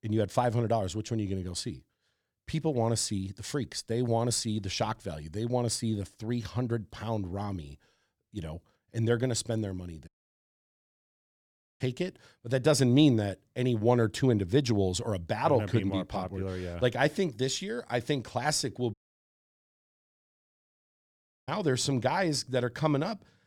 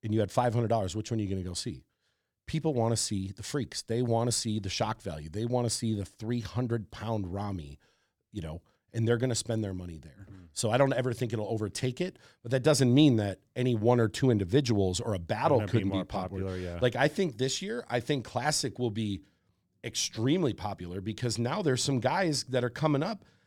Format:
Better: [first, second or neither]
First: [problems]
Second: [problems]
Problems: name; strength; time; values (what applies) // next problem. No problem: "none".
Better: second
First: audio cutting out; at 10 s for 1.5 s and at 19 s for 2.5 s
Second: none